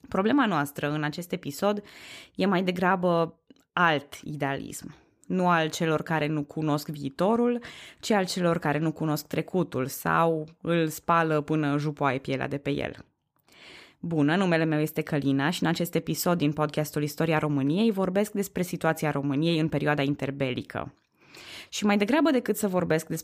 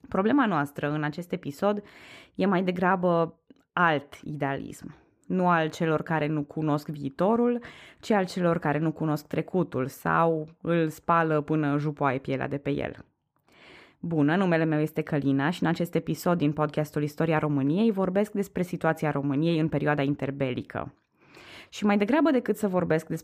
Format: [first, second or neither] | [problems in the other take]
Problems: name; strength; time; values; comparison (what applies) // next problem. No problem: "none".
first | muffled; slightly; fading above 3 kHz